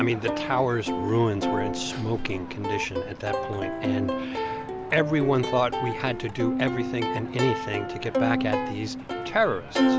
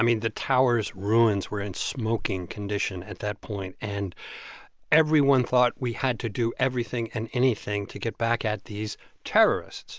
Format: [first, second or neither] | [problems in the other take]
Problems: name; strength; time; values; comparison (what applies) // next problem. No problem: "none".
second | background sound (Plucked string instrument); 1 dB below the speech